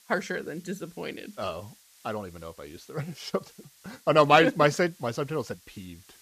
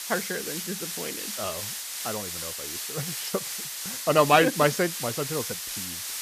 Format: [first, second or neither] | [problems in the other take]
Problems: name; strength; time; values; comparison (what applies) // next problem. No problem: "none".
first | hiss; loud; throughout; 5 dB below the speech; faint in the first